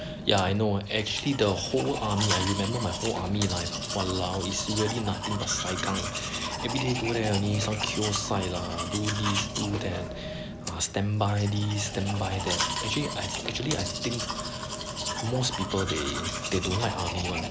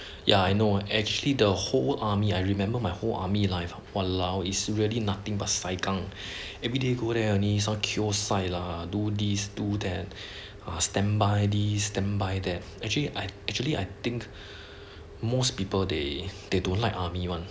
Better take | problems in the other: second | background sound (Domestic sounds, home sounds); 4 dB below the speech

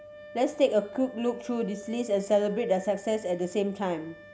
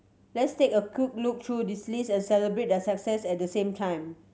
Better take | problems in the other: second | background sound (Wind instrument, woodwind instrument); 17 dB below the speech

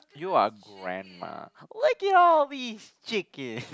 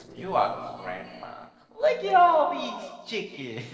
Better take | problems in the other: first | noise reduction (neural separator model SepFormer DNS4)

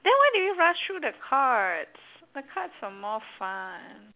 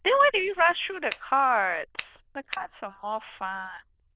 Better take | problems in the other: first | noise reduction (neural diffusion model UNIVERSE++)

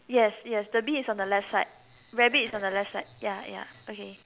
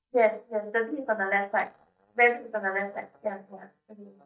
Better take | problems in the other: first | noise reduction (neural mask model DeepFilterNet 3)

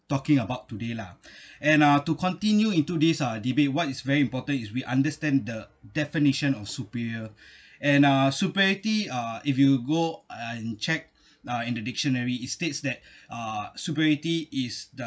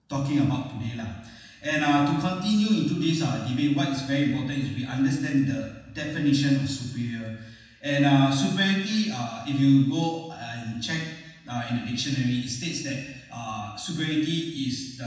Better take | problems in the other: first | room echo; dies away in 1.1 s

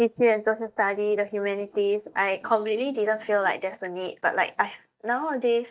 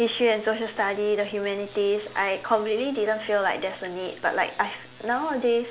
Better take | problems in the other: second | noise reduction (neural mask model DeepFilterNet 3)

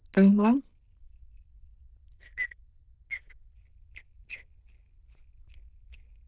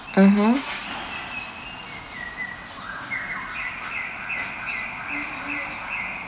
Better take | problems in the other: second | noise reduction (neural diffusion model UNIVERSE++)

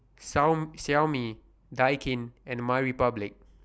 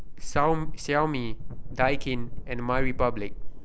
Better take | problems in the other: first | background sound (Thunder / Wind / Bird vocalization, bird call, bird song); 1 dB above the speech

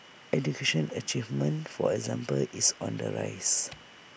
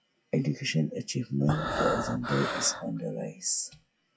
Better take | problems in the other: first | noise reduction (classical method WPE with log-MMSE)

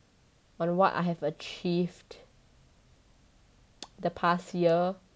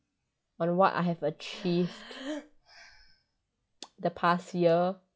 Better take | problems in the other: first | noise reduction (classical method log-MMSE)

